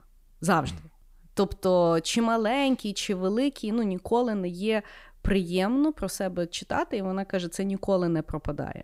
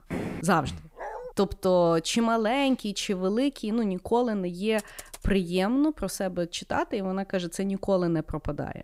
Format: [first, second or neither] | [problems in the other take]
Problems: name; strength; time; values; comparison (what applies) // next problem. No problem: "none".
first | footsteps; noticeable; at the start; peak 7 dB below the speech // dog barking; faint; at 1 s; peak 10 dB below the speech // keyboard typing; faint; at 5 s; peak 15 dB below the speech